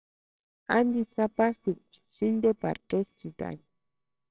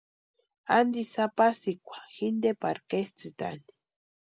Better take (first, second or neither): second